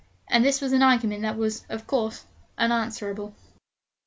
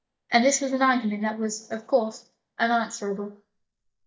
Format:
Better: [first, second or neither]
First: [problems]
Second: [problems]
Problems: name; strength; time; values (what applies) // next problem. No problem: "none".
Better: first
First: none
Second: noise reduction (neural mask model DeepFilterNet 3)